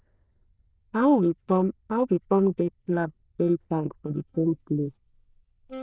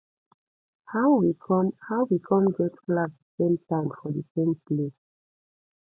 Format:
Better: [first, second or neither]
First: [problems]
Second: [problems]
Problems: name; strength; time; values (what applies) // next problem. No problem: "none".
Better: second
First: noise reduction (neural diffusion model UNIVERSE++)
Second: none